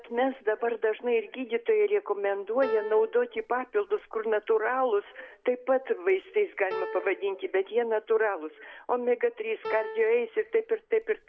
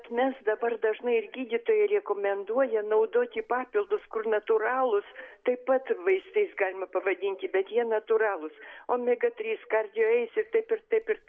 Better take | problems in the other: second | background sound (Piano); 12 dB below the speech

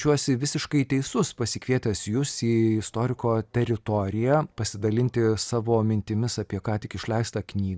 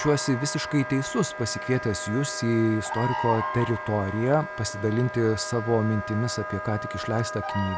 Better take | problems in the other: first | background sound (Bird vocalization, bird call, bird song + Wind instrument, woodwind instrument); 7 dB below the speech

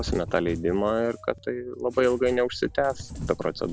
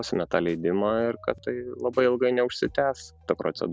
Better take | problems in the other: second | background sound (Cat); 13 dB below the speech

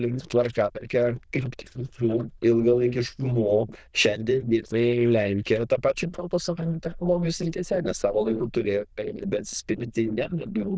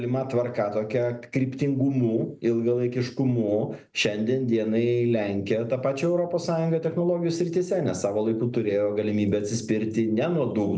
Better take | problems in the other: second | noise reduction (neural diffusion model UNIVERSE++)

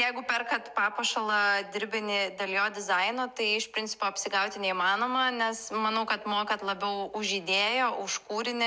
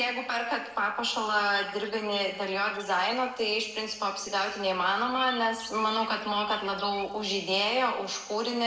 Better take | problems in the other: first | noise reduction (neural separator model SepFormer DNS4)

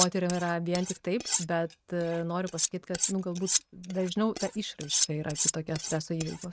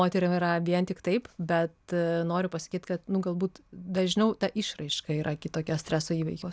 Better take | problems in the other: second | noise reduction (neural mask model RNNoise)

